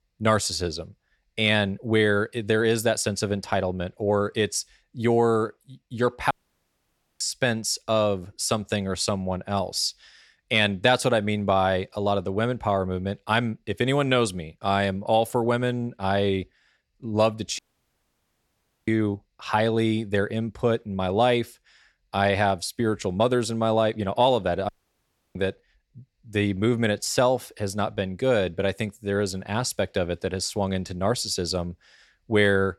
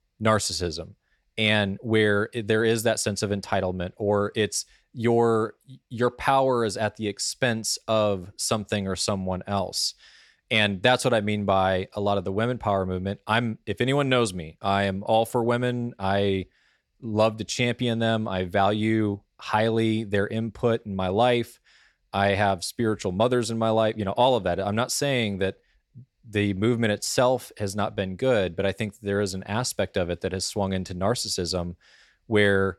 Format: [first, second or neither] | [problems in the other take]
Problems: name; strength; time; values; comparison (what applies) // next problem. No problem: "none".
second | audio cutting out; at 6.5 s for 1 s, at 18 s for 1.5 s and at 25 s for 0.5 s